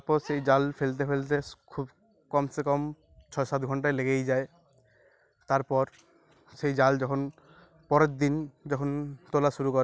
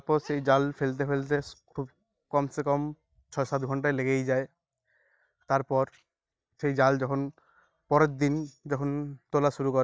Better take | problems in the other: first | noise reduction (neural mask model DeepFilterNet 3)

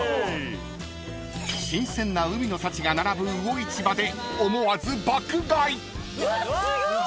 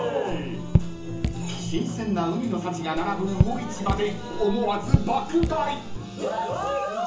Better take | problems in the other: first | background sound (Raindrop / Drip); as loud as the speech // room echo; dies away in 0.8 s

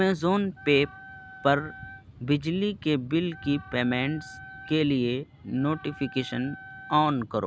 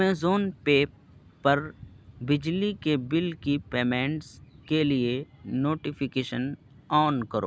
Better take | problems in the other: second | background sound (Wind instrument, woodwind instrument); 19 dB below the speech

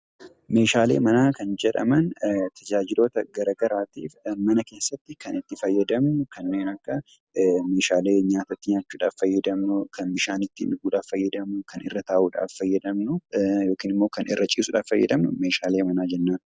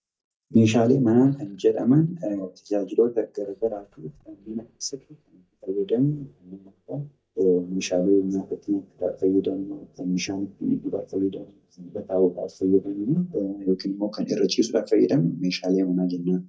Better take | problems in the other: first | noise reduction (neural mask model DeepFilterNet 3)

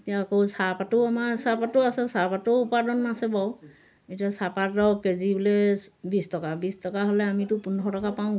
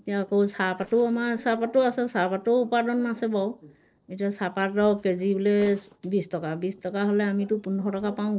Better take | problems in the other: first | noise reduction (neural separator model SepFormer DNS4)

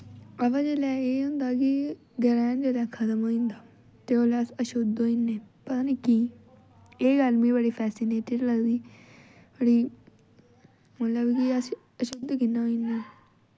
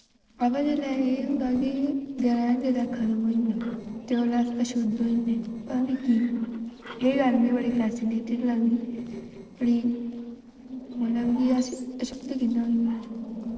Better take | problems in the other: first | noise reduction (neural separator model SepFormer DNS4)

